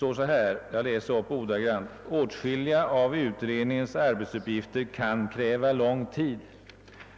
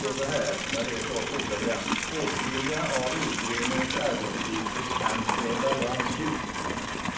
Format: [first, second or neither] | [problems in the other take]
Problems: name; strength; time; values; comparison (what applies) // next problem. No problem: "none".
first | background sound (Livestock, farm animals, working animals); 2 dB above the speech // room echo; dies away in 0.6 s